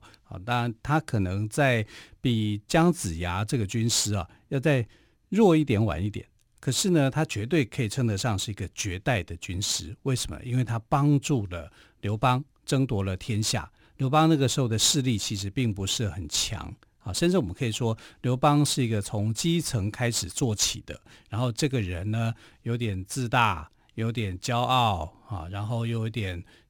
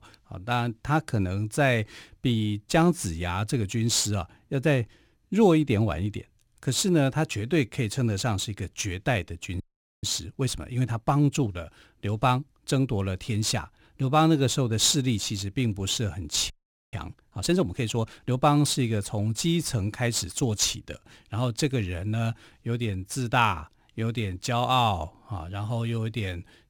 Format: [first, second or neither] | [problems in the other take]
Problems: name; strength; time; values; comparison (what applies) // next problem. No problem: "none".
first | audio freezing; at 9.5 s and at 17 s